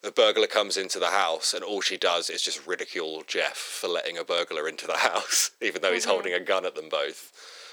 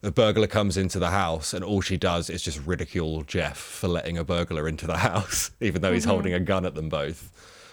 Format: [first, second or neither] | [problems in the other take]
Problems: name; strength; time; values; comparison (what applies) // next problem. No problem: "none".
second | thin; very; fading below 350 Hz